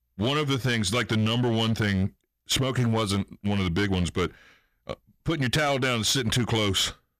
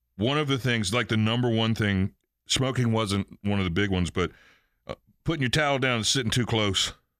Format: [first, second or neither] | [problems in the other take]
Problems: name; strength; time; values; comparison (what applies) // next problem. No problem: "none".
second | distortion; slight; 10% of the sound clipped